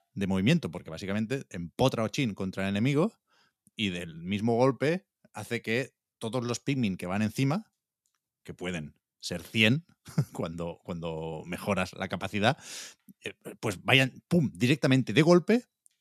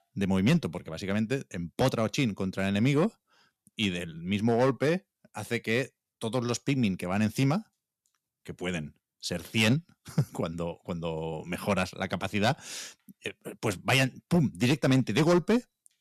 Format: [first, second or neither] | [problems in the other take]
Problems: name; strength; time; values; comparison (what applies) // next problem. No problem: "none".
first | distortion; slight; 2% of the sound clipped